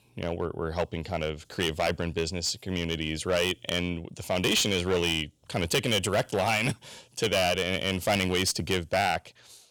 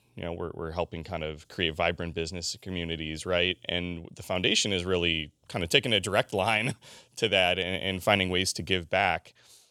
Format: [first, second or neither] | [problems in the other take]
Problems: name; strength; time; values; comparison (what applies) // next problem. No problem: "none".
second | distortion; heavy; 7% of the sound clipped